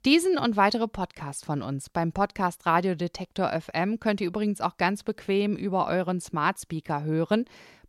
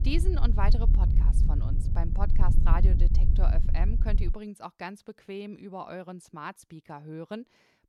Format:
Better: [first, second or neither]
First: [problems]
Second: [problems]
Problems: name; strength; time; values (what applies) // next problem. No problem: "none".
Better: first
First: none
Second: wind noise on the microphone; heavy; until 4.5 s; 6 dB below the speech